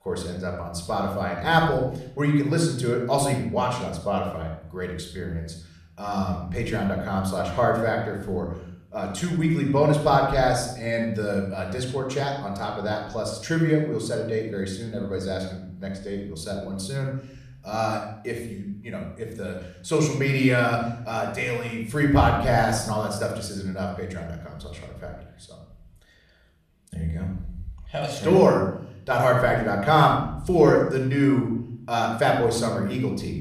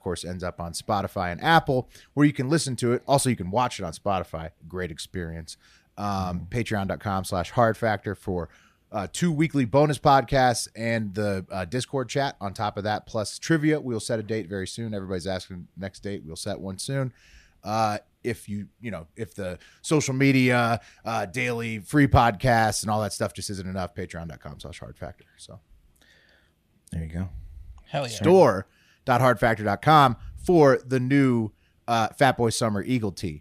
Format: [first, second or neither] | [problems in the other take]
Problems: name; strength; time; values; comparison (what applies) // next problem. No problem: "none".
second | off-mic speech; somewhat distant // room echo; noticeable; dies away in 0.6 s